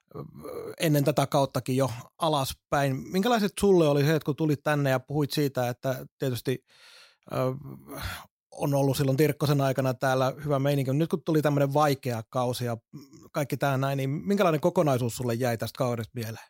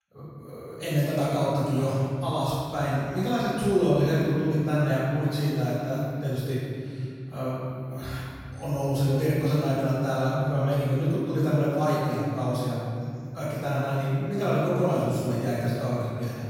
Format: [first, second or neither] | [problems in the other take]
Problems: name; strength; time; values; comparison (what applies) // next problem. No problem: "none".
first | room echo; strong; dies away in 2.8 s // off-mic speech; far